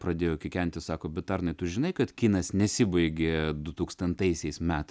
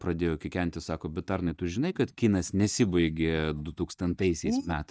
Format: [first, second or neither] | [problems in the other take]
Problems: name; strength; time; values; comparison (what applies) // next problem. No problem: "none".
first | noise reduction (neural mask model DeepFilterNet 3)